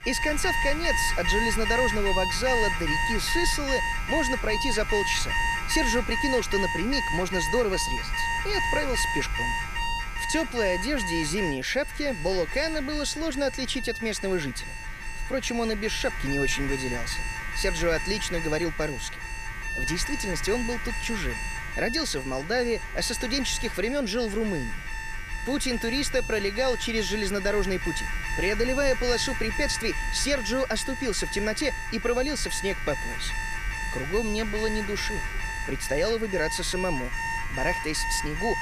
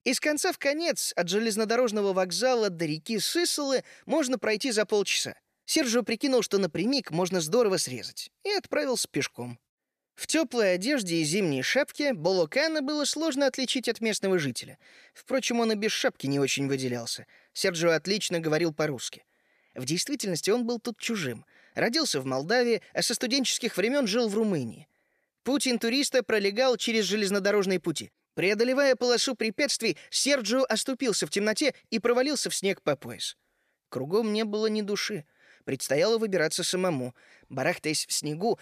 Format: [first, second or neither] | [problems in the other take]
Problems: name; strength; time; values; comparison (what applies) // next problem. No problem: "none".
second | alarms or sirens; loud; throughout; 2 dB below the speech